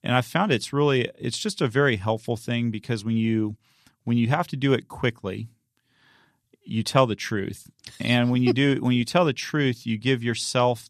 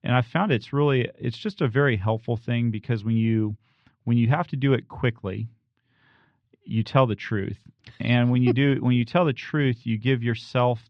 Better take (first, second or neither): first